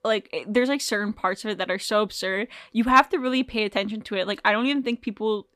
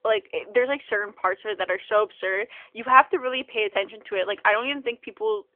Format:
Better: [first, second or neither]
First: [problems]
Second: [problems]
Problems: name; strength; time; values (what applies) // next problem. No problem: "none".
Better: first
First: none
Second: phone-call audio; nothing above 3 kHz